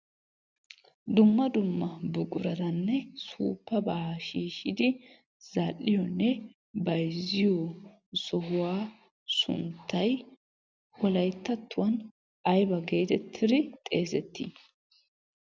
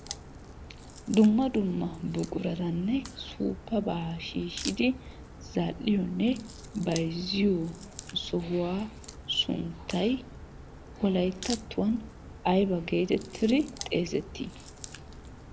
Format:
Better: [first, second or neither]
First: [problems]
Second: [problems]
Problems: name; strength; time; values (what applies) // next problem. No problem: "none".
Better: first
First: none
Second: background sound (Crack); 14 dB below the speech